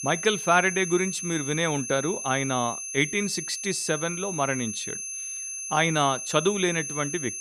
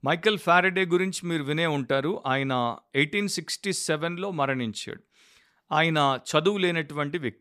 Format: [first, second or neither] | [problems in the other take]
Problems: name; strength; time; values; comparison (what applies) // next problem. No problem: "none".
second | high-pitched whine; loud; throughout; 6.5 kHz, 6 dB below the speech